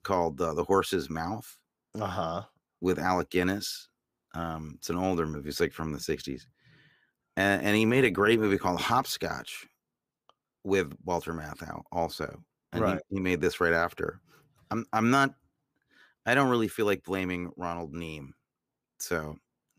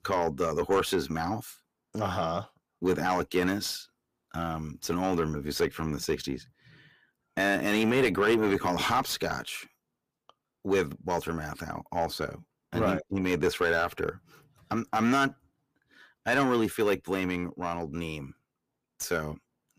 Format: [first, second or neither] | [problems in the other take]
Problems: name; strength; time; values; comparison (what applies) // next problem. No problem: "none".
first | distortion; slight; 9 dB below the speech